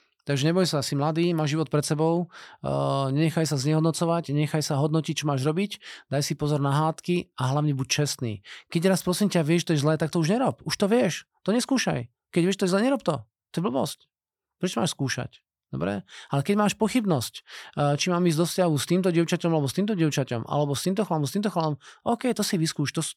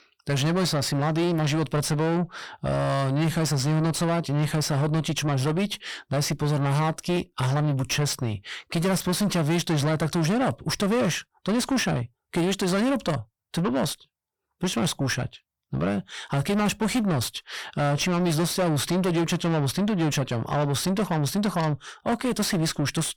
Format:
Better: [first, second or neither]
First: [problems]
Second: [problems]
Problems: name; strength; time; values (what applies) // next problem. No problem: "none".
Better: first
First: none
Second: distortion; heavy; 6 dB below the speech